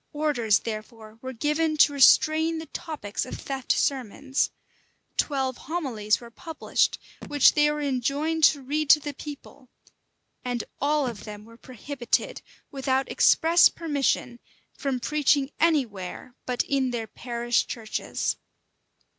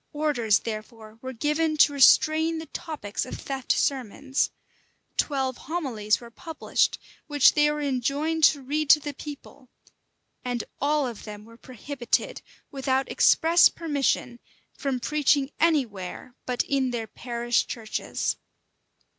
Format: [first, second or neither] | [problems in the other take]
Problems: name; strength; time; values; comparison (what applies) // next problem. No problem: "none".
second | background sound (Telephone); 18 dB below the speech